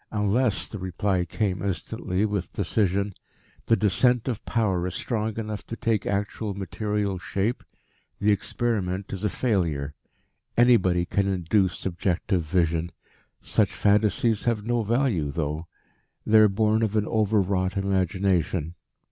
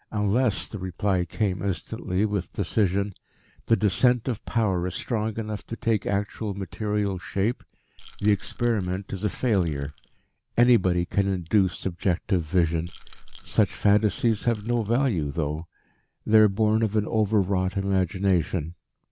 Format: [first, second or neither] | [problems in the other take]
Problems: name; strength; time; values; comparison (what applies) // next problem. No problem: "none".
first | background sound (Rattle / Rattle (instrument)); 17 dB below the speech